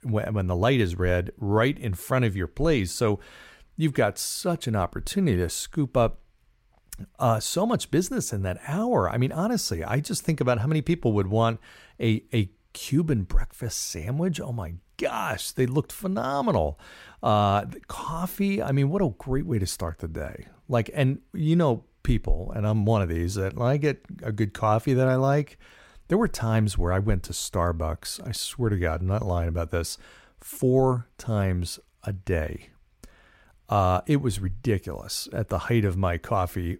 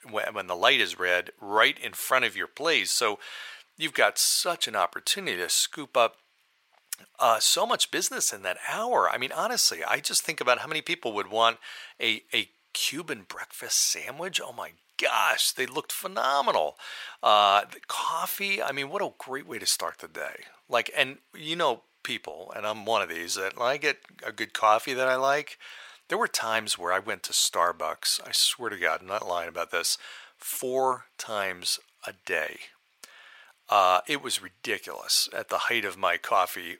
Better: first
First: none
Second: thin; very; fading below 800 Hz

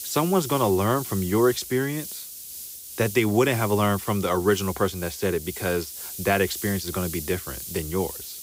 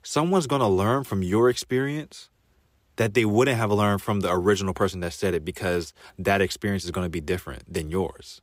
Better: second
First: hiss; loud; throughout; 10 dB below the speech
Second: none

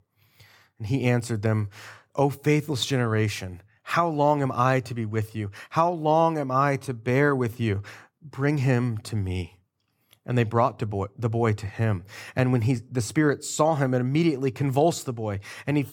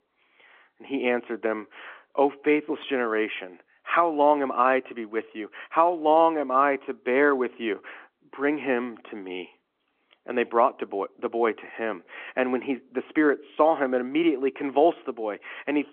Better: first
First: none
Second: phone-call audio

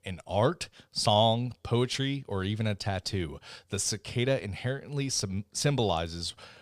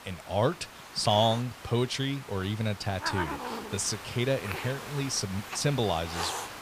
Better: first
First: none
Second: hiss; loud; throughout; 9 dB below the speech

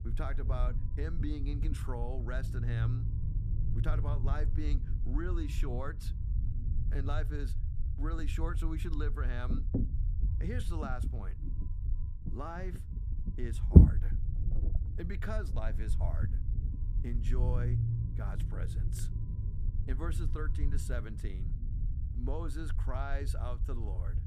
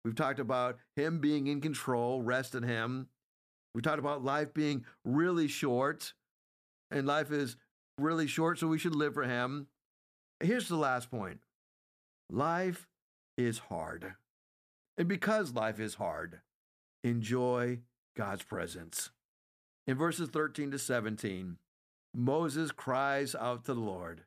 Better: second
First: low rumble; loud; throughout; 3 dB below the speech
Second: none

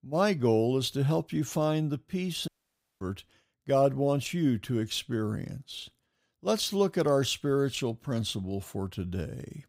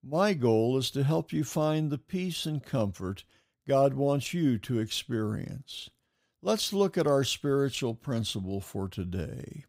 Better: second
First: audio cutting out; at 2.5 s for 0.5 s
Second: none

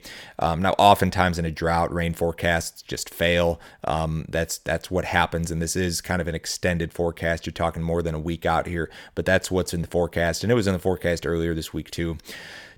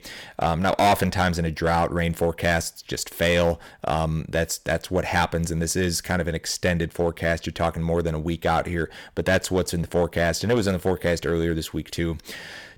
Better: first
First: none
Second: distortion; slight; 5% of the sound clipped

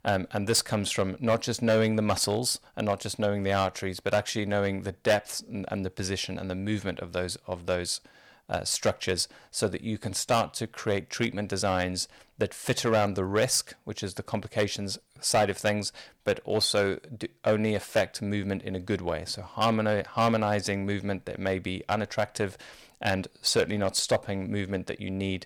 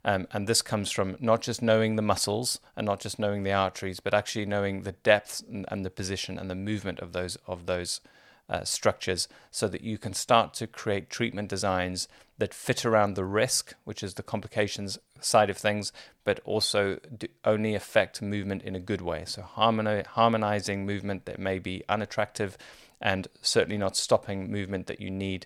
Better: second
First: distortion; slight; 2% of the sound clipped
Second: none

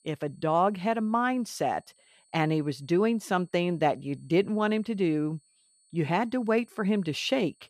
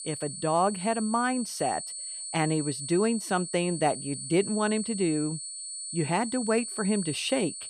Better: first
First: high-pitched whine; faint; throughout; 8.5 kHz, 35 dB below the speech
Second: high-pitched whine; loud; throughout; 8.5 kHz, 7 dB below the speech

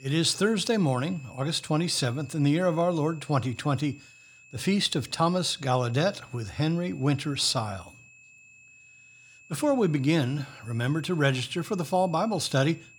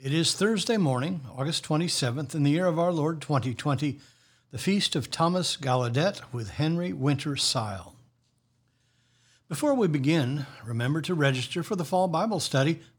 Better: second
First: high-pitched whine; faint; throughout; 2.5 kHz, 25 dB below the speech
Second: none

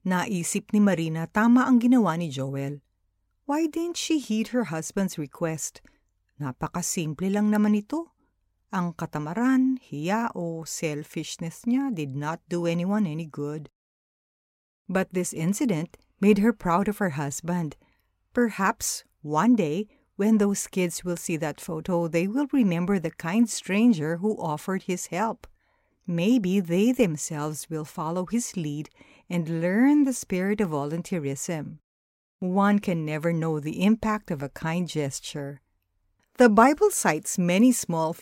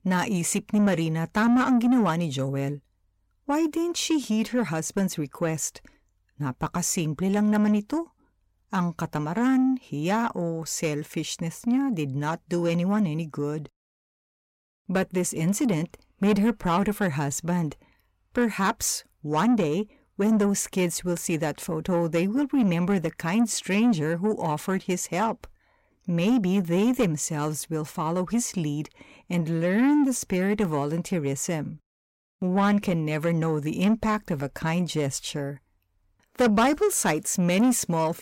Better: first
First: none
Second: distortion; slight; 10 dB below the speech

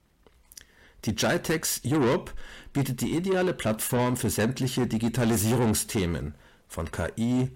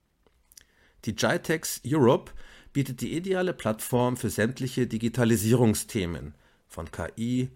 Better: second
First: distortion; heavy; 7 dB below the speech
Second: none

